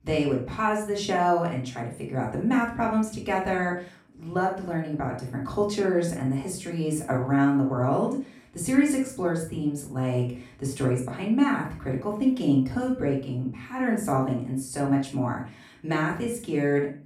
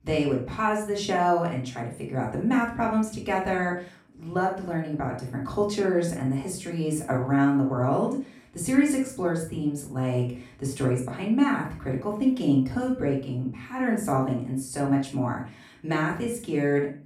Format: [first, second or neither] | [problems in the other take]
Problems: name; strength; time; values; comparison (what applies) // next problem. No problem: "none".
neither | off-mic speech; far; the same in both // room echo; slight; dies away in 0.3 s; the same in both